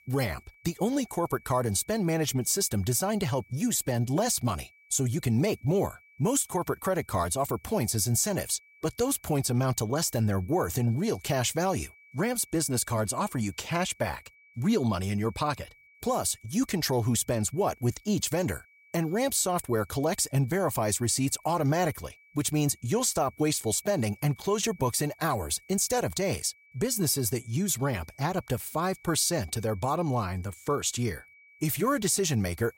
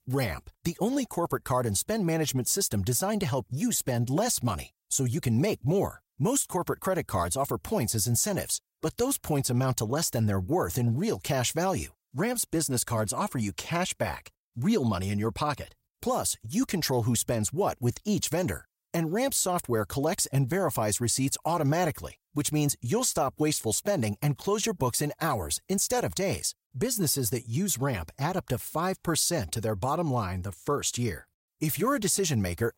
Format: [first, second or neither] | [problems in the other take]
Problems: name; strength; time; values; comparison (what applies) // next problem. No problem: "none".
second | high-pitched whine; faint; throughout; 2.5 kHz, 30 dB below the speech